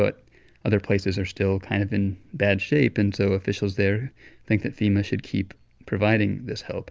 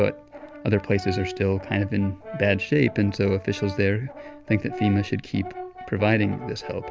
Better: first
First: none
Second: background sound (Brass instrument); 14 dB below the speech

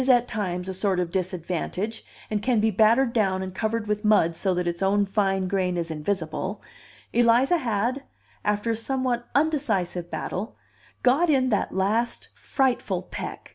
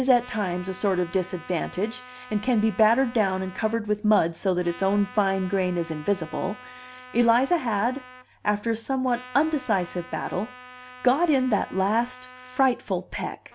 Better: first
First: none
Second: background sound (Trumpet); 20 dB below the speech

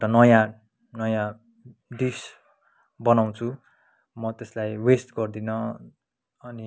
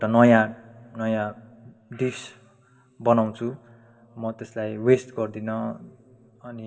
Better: first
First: none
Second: room echo; dies away in 1.4 s

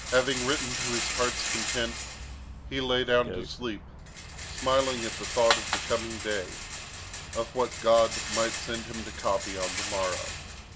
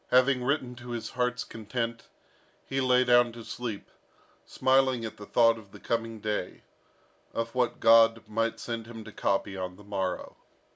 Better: second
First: background sound (Rattle); 4 dB below the speech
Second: none

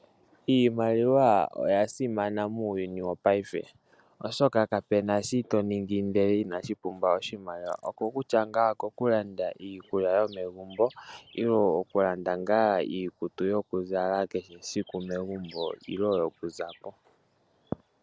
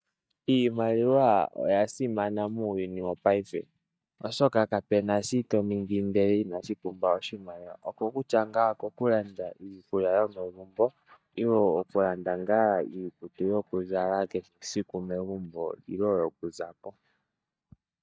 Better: first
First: none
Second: noise reduction (neural mask model DeepFilterNet 3)

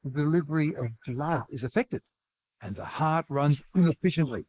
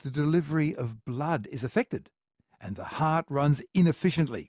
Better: second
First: noise reduction (neural mask model Resemble Enhance denoiser)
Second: none

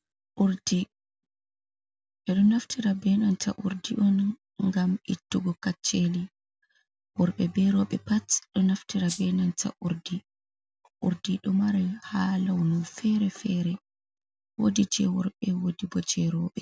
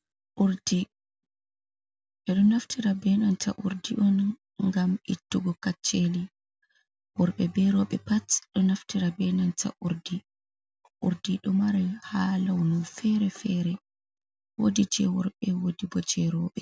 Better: second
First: background sound (Rattle (instrument)); 11 dB below the speech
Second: none

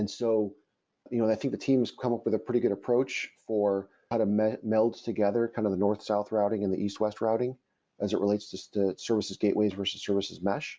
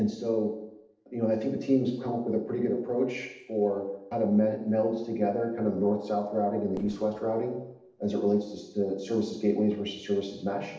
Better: first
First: none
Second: noise reduction (neural separator model SepFormer DNS4)

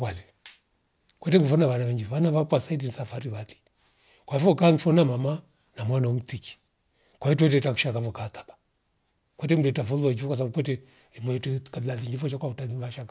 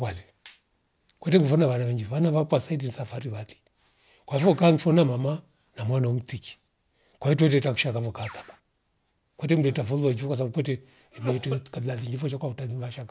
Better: first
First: none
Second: background sound (Cough + Bird); 16 dB below the speech

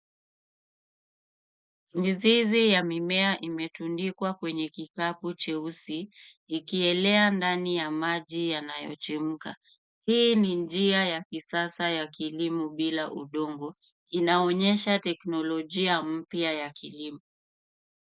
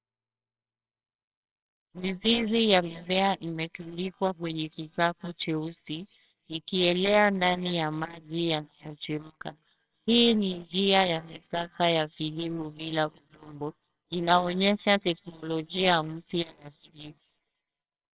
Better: first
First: none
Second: noise reduction (neural separator model SepFormer WHAMR!)

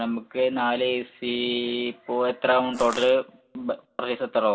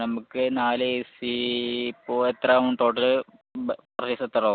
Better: second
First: background sound (Crushing); 12 dB below the speech // room echo; dies away in 0.2 s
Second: none

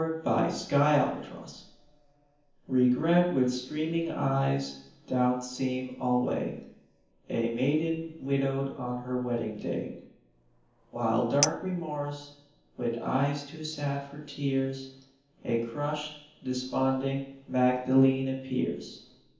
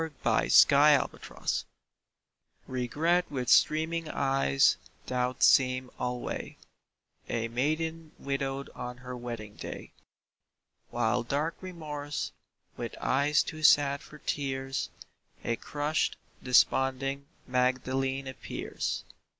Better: second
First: background sound (Chink, clink); 9 dB below the speech // room echo; dies away in 0.7 s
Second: none

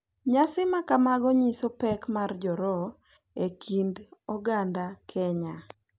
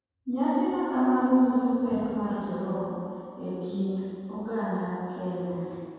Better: first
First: none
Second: room echo; dies away in 2.1 s

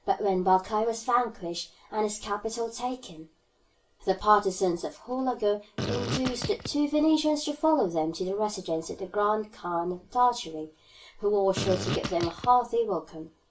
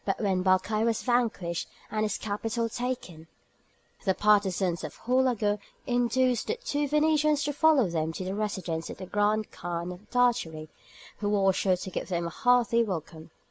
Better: second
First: background sound (Fart); 5 dB below the speech // room echo; dies away in 0.2 s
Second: none

